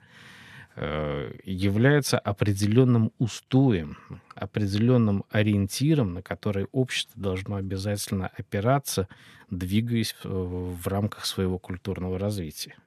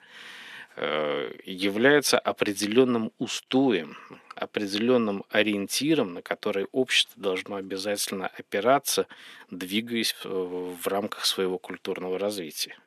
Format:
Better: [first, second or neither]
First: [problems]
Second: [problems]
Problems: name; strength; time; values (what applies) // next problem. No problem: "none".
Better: first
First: none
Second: thin; somewhat; fading below 300 Hz